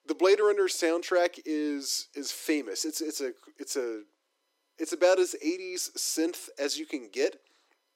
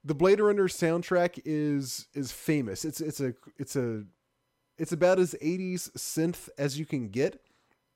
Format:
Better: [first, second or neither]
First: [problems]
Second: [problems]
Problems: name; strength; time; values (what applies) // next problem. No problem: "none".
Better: second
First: thin; somewhat; fading below 300 Hz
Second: none